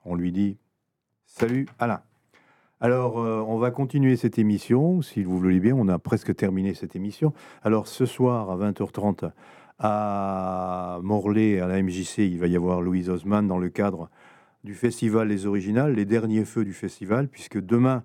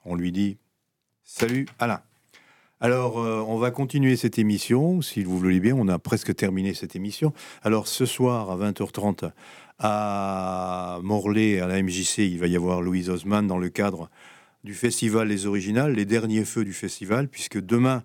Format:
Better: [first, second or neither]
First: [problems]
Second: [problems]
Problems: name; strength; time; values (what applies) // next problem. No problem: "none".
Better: second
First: muffled; slightly; fading above 2 kHz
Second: none